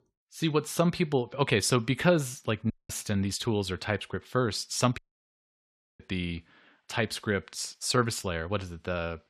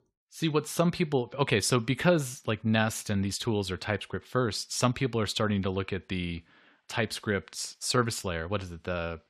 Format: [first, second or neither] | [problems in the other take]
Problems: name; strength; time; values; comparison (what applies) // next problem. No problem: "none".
second | audio cutting out; at 2.5 s and at 5 s for 1 s